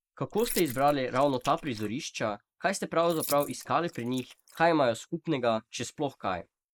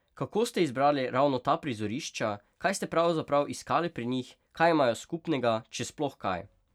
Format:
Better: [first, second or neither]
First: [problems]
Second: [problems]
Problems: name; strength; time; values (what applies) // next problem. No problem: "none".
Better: second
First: noise reduction (neural mask model Resemble Enhance denoiser)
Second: none